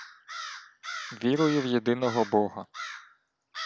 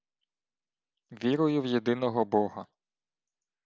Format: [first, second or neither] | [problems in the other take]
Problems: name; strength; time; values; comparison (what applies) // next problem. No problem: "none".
second | background sound (Crow); 11 dB below the speech